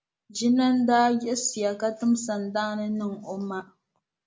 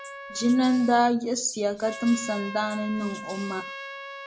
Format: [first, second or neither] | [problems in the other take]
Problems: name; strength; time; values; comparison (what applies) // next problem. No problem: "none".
first | background sound (Trumpet + Wild animals); 13 dB below the speech